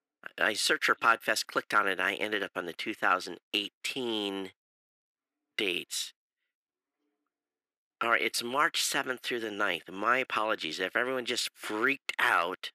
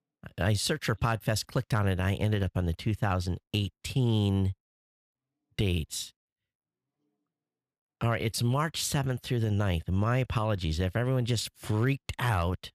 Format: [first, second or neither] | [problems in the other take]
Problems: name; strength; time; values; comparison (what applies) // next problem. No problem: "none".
second | thin; very; fading below 300 Hz